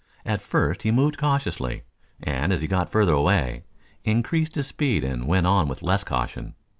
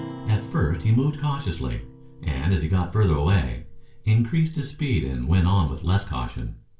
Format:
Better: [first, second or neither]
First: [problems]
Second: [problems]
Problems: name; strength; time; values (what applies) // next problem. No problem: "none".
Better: first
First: none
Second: background sound (Acoustic guitar); 20 dB below the speech // room echo; dies away in 0.3 s